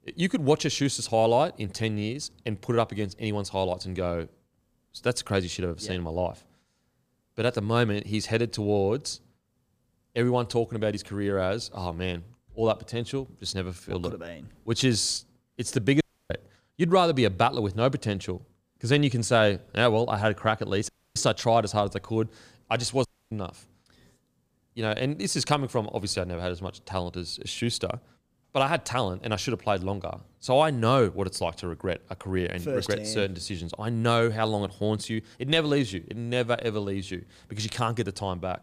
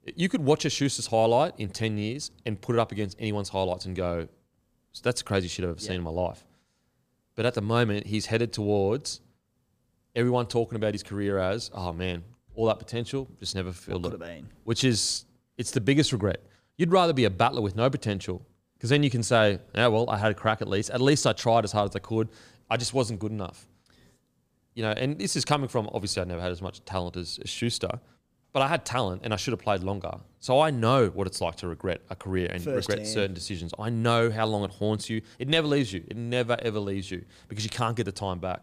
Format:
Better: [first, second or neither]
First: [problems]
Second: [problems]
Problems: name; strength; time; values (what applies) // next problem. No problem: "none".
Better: second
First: audio cutting out; at 16 s, at 21 s and at 23 s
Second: none